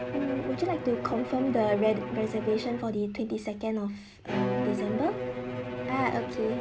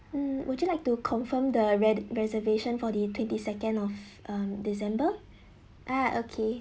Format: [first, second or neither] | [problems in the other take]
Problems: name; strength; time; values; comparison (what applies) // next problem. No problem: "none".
second | background sound (Bowed string instrument); 4 dB below the speech